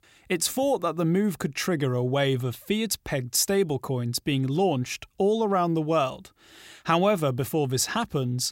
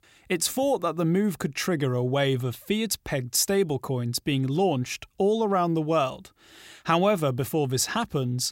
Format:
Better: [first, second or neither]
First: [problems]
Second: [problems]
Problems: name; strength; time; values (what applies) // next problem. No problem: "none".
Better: neither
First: none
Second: none